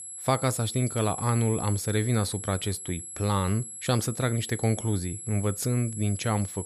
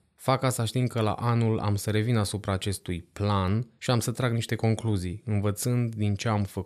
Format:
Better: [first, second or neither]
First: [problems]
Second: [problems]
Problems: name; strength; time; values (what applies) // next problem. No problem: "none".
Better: second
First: high-pitched whine; loud; throughout; 11 kHz, 8 dB below the speech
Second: none